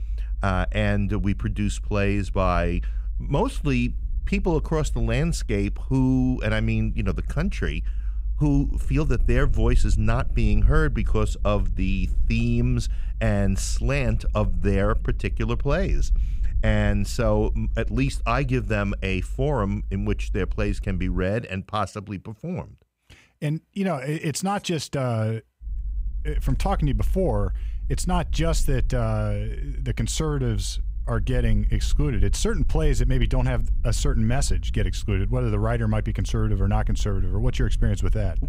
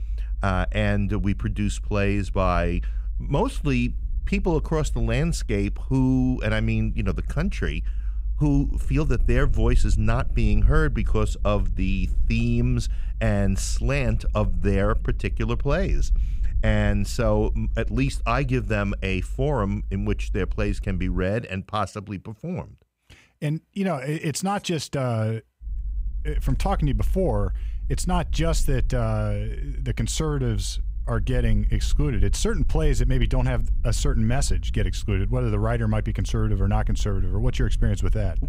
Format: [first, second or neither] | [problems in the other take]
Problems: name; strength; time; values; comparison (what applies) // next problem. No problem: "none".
neither | low rumble; faint; until 21 s and from 26 s on; 25 dB below the speech; the same in both